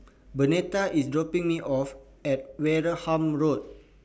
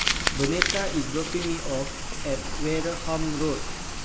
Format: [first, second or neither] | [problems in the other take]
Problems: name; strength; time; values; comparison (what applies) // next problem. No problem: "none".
first | background sound (Rain + Crumpling, crinkling); 1 dB above the speech